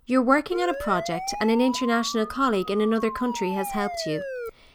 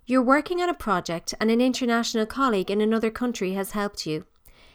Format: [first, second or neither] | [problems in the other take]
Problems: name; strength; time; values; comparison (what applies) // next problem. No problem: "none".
second | siren; noticeable; from 0.5 s on; peak 8 dB below the speech